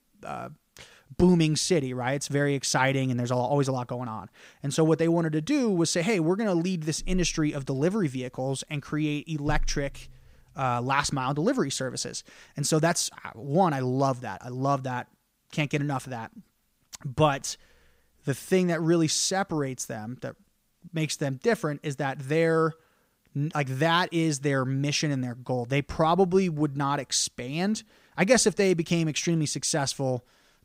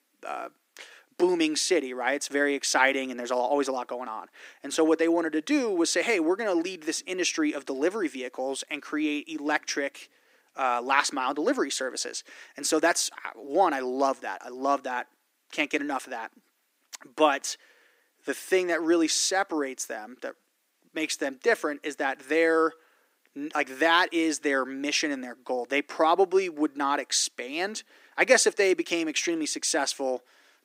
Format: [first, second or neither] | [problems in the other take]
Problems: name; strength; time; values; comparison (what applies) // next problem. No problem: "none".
first | thin; somewhat; fading below 300 Hz